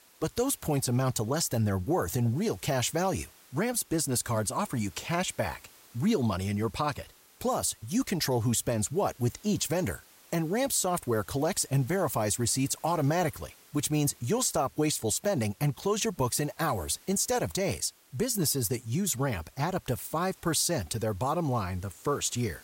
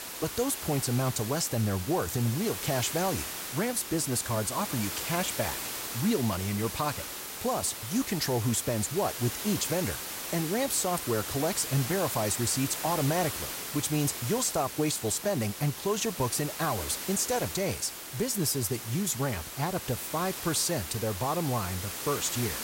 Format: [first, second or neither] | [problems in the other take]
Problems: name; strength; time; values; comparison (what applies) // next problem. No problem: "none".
first | hiss; loud; throughout; 5 dB below the speech; faint in the first